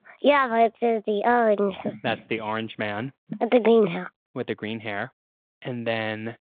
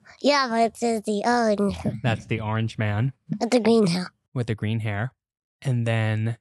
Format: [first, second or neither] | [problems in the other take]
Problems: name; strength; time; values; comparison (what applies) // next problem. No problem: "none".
second | phone-call audio; nothing above 3.5 kHz